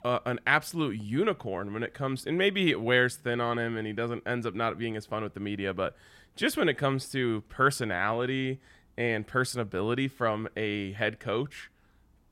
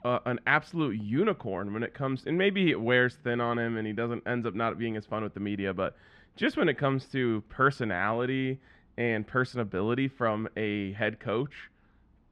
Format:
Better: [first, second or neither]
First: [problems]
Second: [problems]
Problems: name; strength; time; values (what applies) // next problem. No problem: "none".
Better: first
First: none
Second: muffled; slightly; fading above 3 kHz